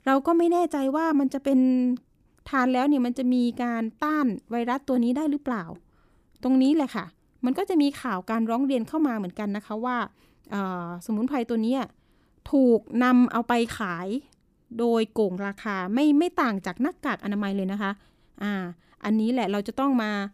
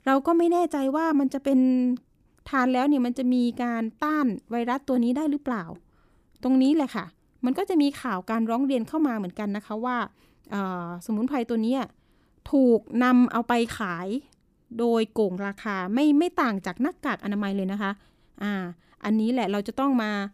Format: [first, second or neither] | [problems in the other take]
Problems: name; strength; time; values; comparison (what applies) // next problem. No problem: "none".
neither | none